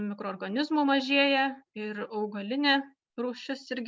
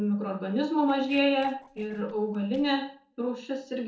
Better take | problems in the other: first | noise reduction (neural separator model SepFormer DNS4)

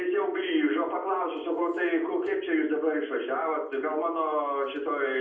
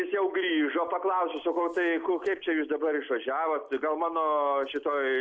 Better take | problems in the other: second | room echo; dies away in 0.6 s

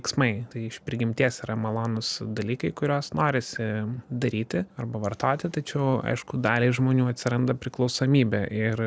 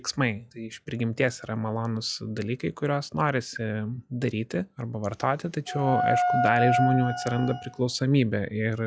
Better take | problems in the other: first | noise reduction (classical method log-MMSE)

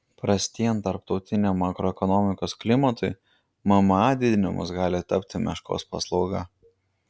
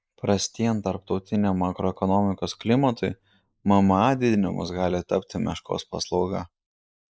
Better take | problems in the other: first | noise reduction (neural mask model Resemble Enhance denoiser)

